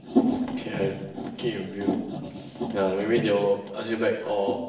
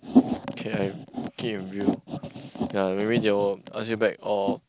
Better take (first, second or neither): second